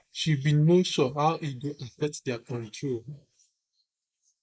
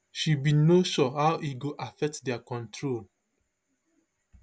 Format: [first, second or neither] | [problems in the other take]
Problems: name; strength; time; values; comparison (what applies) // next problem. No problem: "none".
second | noise reduction (neural mask model Resemble Enhance denoiser)